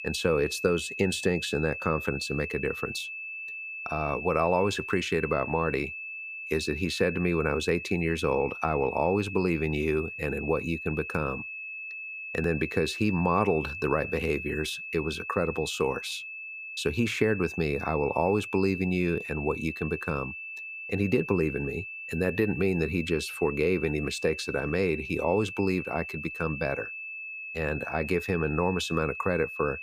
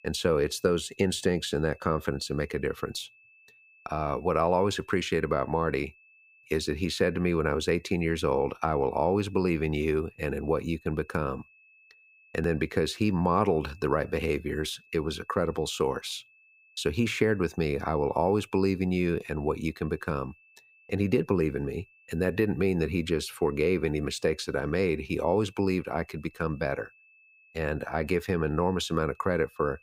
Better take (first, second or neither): second